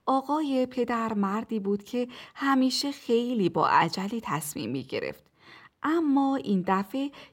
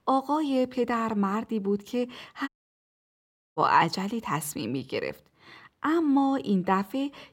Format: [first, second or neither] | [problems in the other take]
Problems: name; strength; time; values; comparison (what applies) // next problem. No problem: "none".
first | audio cutting out; at 2.5 s for 1 s